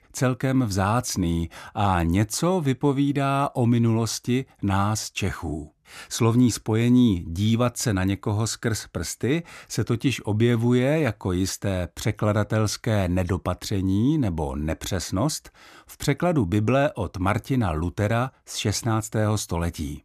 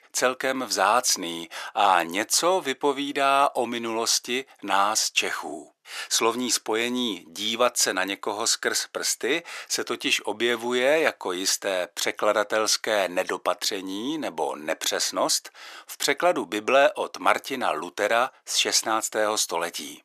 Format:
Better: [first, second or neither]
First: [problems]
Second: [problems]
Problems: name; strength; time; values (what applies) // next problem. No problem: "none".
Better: first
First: none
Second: thin; very; fading below 450 Hz